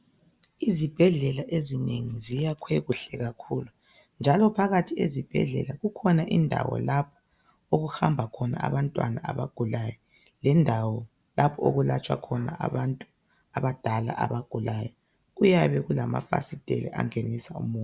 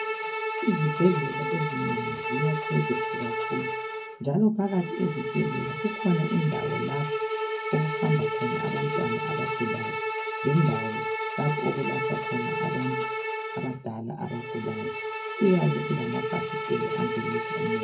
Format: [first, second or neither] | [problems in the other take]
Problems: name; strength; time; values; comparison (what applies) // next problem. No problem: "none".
first | background sound (Bowed string instrument); 2 dB below the speech // room echo; dies away in 0.3 s